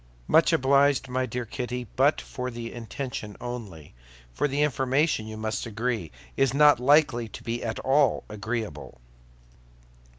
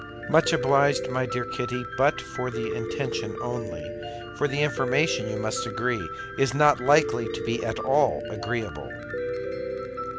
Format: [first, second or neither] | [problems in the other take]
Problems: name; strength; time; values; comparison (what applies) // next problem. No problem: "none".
first | background sound (Piano); 5 dB below the speech